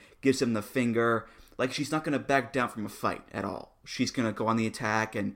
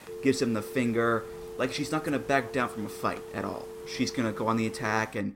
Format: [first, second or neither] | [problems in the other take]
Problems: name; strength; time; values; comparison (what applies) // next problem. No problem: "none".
first | phone ringing; faint; peak 10 dB below the speech